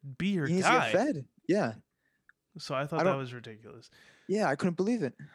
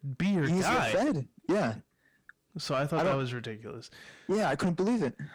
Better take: first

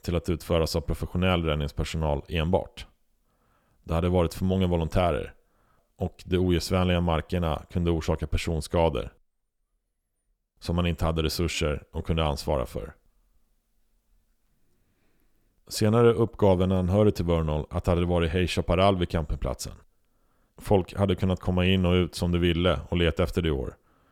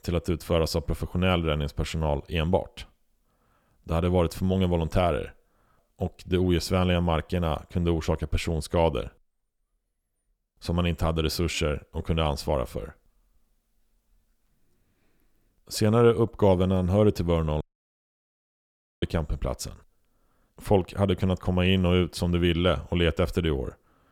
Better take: first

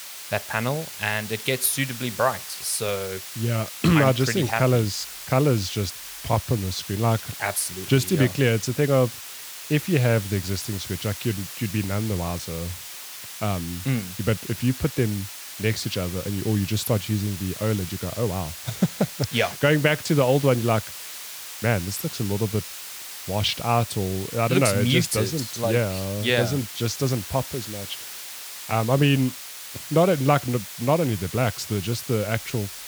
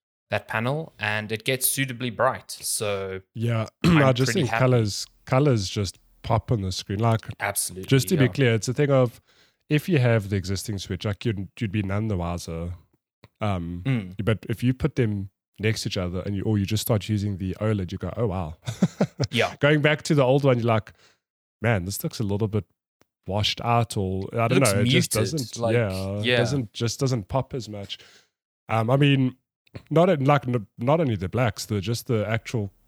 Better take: second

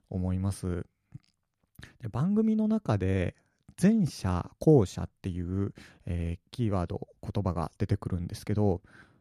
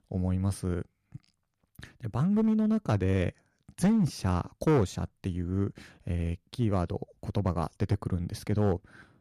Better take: first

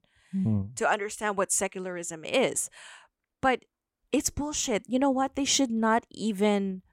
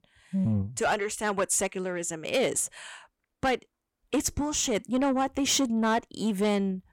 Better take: first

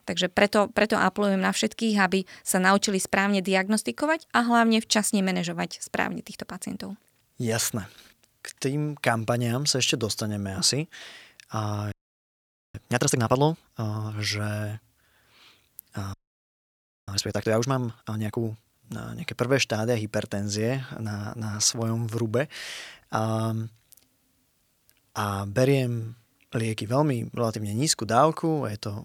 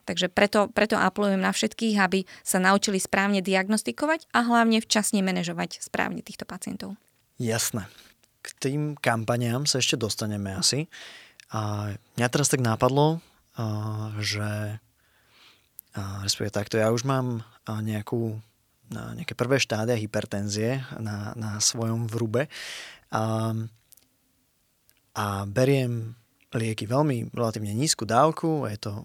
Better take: second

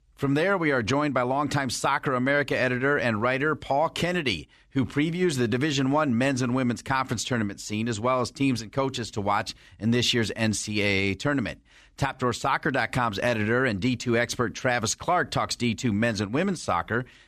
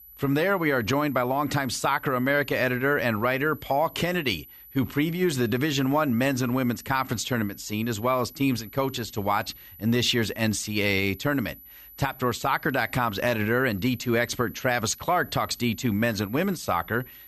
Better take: first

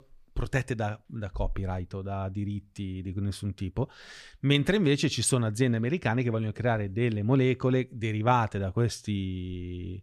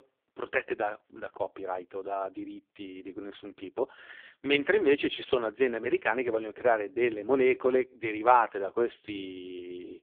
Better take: first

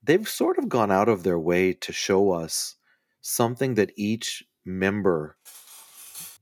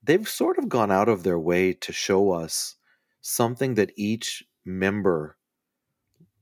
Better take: second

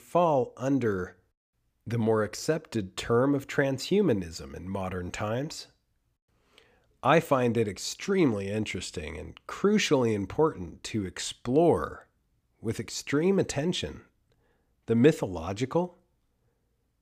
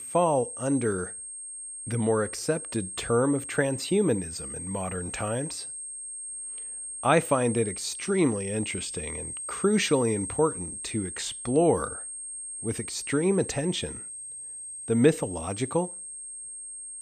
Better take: first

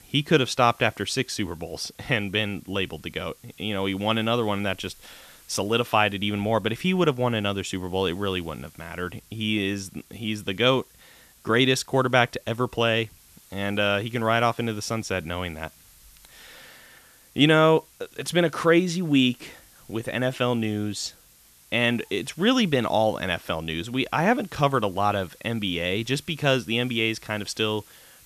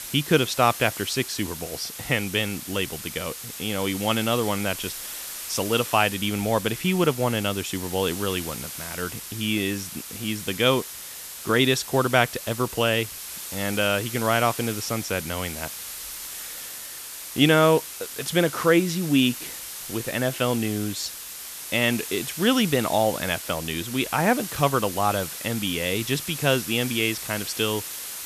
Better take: first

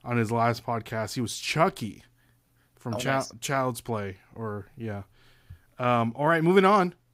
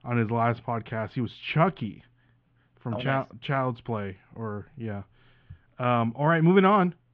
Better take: first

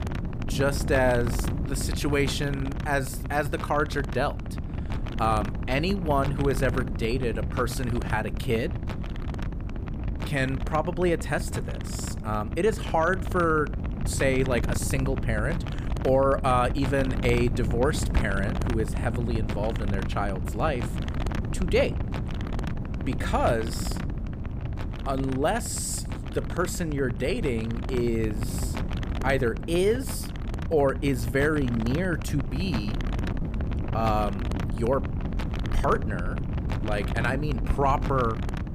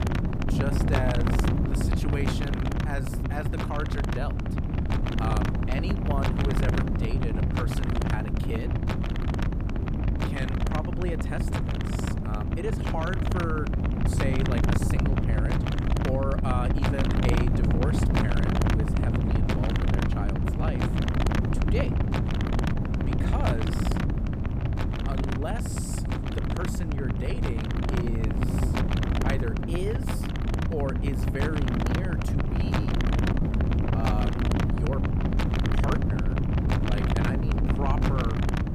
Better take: first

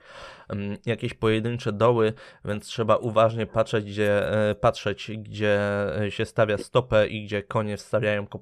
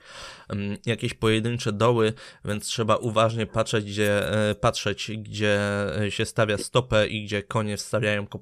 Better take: second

